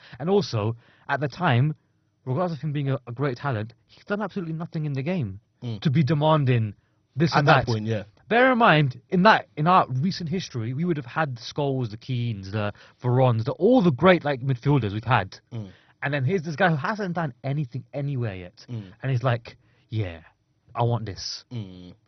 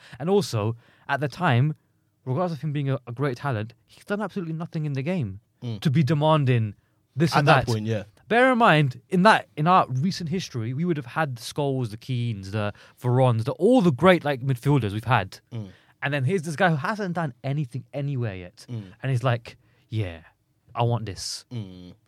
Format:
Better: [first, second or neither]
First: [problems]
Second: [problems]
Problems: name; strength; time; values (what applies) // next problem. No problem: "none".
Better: second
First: garbled, watery; badly; nothing above 6 kHz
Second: none